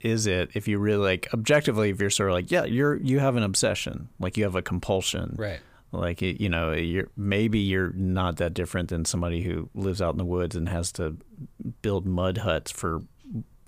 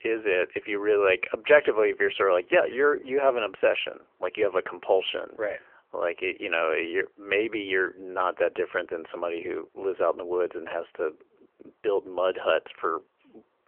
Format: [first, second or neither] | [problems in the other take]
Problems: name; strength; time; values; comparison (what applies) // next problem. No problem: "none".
first | phone-call audio; nothing above 3 kHz